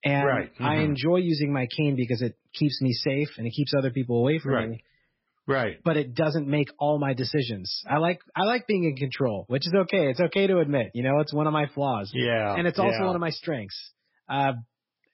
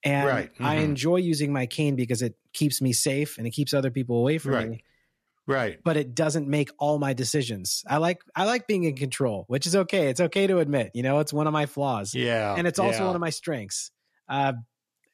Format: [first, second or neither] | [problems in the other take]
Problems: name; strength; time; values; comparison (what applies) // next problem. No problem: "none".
second | garbled, watery; badly; nothing above 5.5 kHz